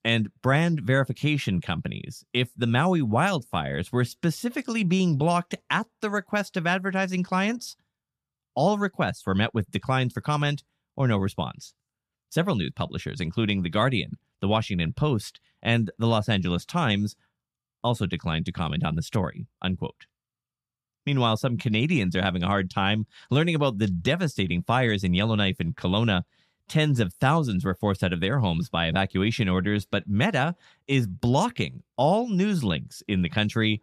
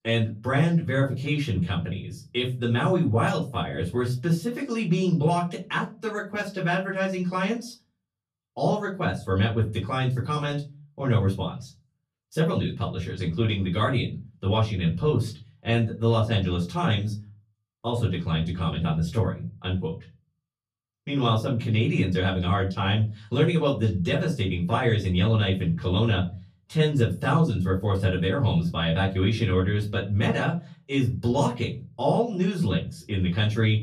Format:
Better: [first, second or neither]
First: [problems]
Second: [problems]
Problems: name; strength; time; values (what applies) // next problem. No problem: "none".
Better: first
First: none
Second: off-mic speech; far // room echo; very slight; dies away in 0.3 s